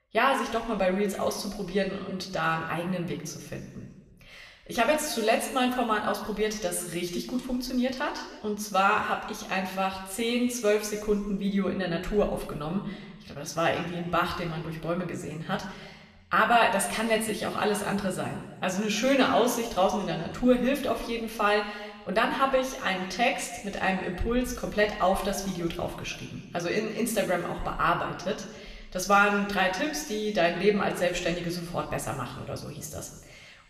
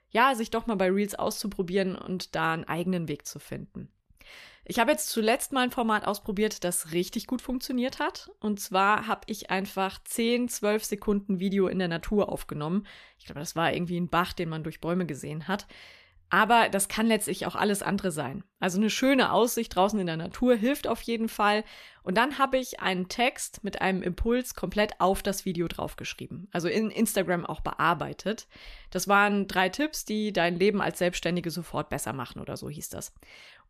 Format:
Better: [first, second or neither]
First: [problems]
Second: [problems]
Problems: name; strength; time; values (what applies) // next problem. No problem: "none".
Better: second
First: room echo; slight; dies away in 1.2 s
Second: none